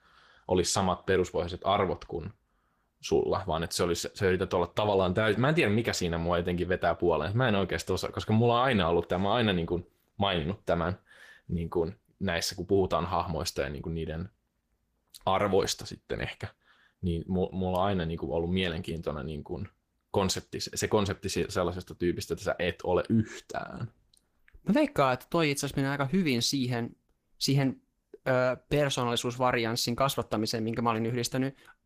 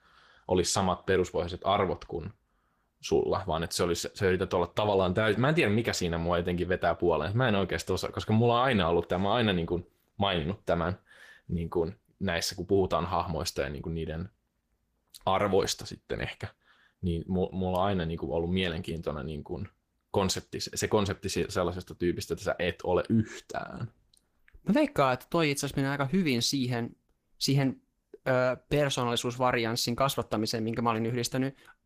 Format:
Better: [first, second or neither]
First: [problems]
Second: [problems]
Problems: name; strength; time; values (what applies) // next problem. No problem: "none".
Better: neither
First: garbled, watery; slightly; nothing above 15 kHz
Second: garbled, watery; slightly; nothing above 15 kHz